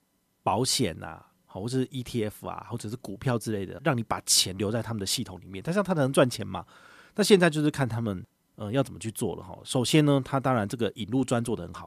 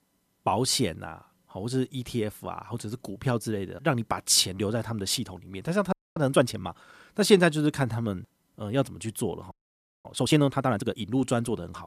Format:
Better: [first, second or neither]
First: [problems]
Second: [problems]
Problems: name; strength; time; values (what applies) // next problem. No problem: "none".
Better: first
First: none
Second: audio freezing; at 6 s and at 9.5 s for 0.5 s